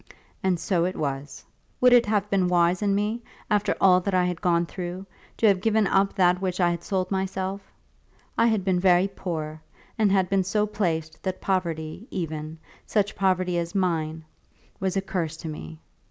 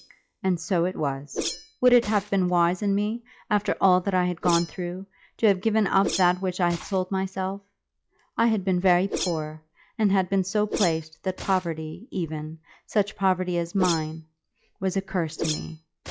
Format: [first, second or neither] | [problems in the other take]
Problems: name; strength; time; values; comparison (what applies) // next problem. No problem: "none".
first | noise reduction (classical method log-MMSE)